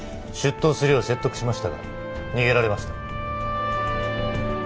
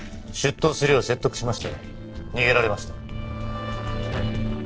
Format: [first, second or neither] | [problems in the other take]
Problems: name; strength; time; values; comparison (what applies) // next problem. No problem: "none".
first | noise reduction (neural separator model SepFormer DNS4)